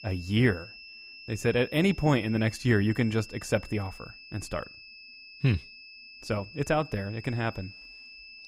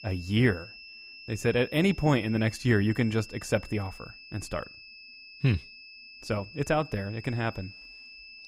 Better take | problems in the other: neither | high-pitched whine; noticeable; throughout; 2.5 kHz, 15 dB below the speech; the same in both

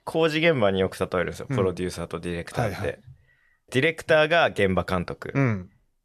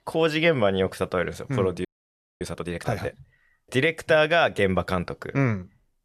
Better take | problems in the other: first | audio freezing; at 2 s for 0.5 s

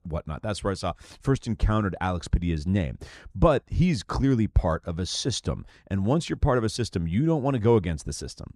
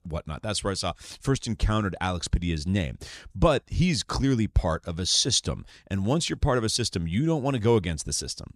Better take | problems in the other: second | muffled; slightly; fading above 2 kHz

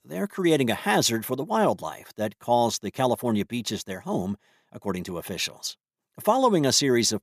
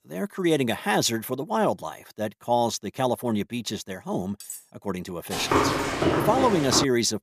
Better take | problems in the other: first | clattering dishes; faint; at 4.5 s; peak 10 dB below the speech // footsteps; loud; from 5.5 s on; peak 3 dB above the speech

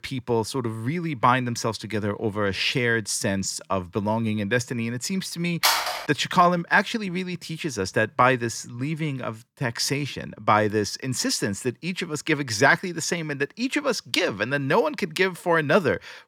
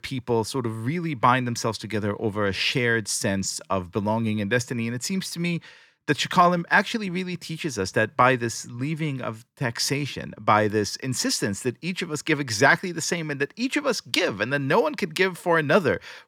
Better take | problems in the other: second | phone ringing; loud; at 5.5 s; peak 4 dB above the speech

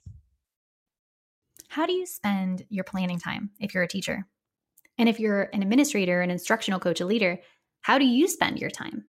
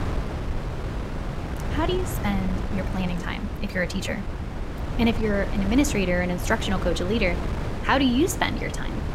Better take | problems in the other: first | wind noise on the microphone; heavy; 9 dB below the speech

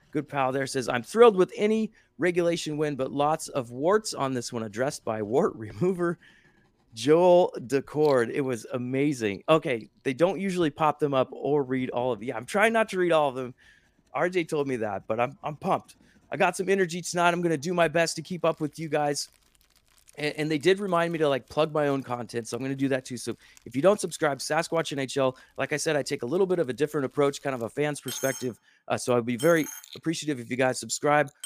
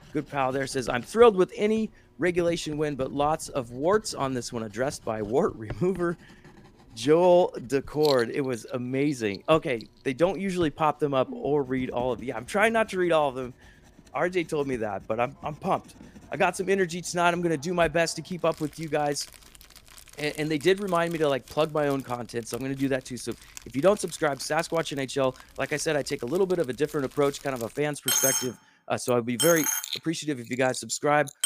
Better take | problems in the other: first | household noises; loud; throughout; 8 dB below the speech; faint in the first

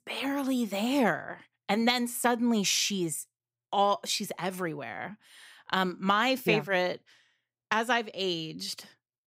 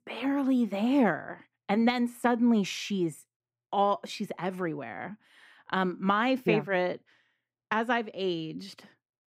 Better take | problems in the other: first | muffled; slightly; fading above 3.5 kHz

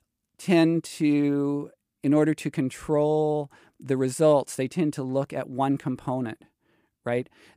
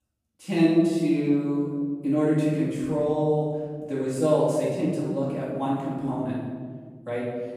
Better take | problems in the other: first | off-mic speech; far // room echo; strong; dies away in 1.6 s

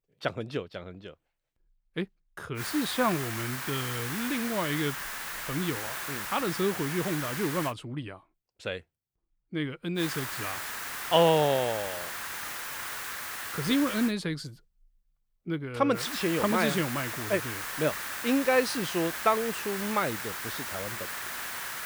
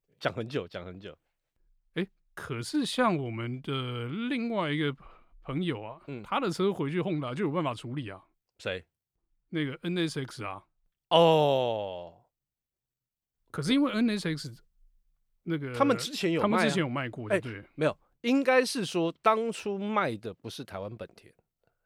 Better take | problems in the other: second | hiss; loud; from 2.5 to 7.5 s, from 10 to 14 s and from 16 s on; 4 dB below the speech

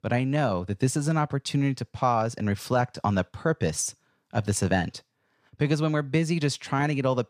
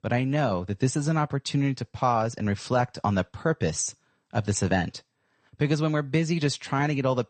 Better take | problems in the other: first | garbled, watery; slightly; nothing above 8.5 kHz

